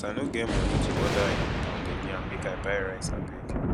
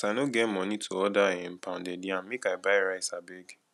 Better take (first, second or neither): second